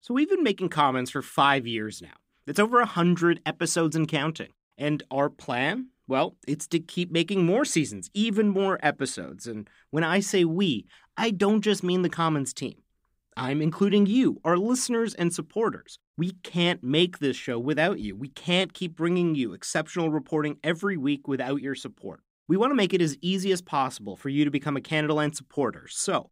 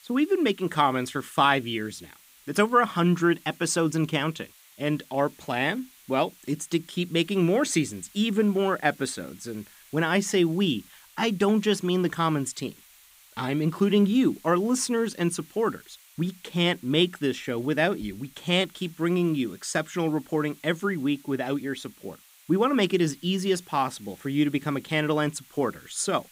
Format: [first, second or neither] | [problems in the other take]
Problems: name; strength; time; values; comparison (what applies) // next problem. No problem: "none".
first | hiss; faint; throughout; 25 dB below the speech